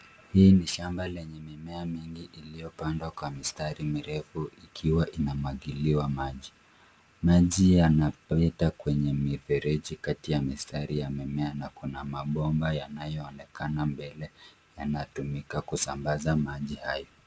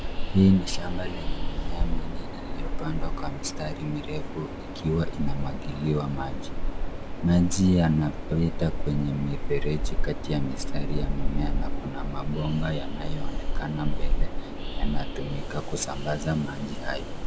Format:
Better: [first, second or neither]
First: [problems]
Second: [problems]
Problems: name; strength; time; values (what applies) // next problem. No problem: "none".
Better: first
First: none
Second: background sound (Train); 2 dB above the speech